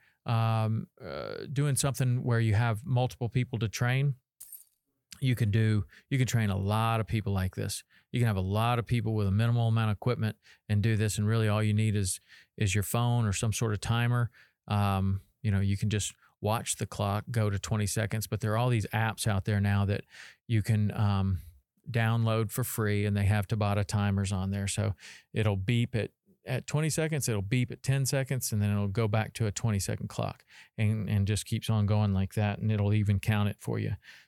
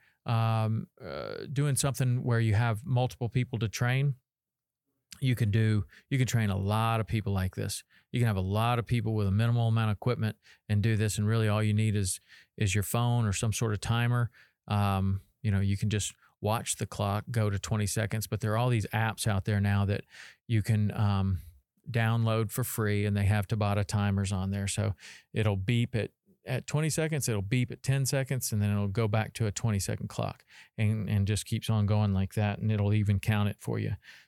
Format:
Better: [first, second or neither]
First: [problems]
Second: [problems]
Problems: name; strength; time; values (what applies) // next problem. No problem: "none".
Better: second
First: jangling keys; faint; at 4.5 s; peak 15 dB below the speech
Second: none